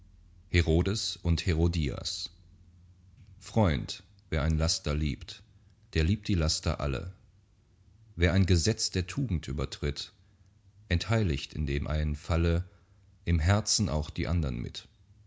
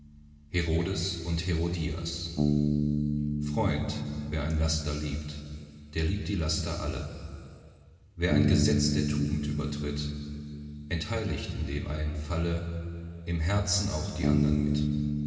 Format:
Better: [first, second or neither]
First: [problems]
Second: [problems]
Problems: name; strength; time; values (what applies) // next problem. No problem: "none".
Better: first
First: none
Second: background sound (Bass guitar); 1 dB below the speech // room echo; dies away in 2.5 s